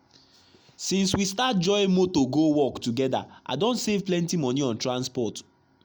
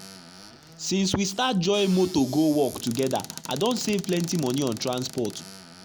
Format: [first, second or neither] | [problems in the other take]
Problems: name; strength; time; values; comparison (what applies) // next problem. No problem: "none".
first | background sound (Squeak / Cupboard open or close); 16 dB below the speech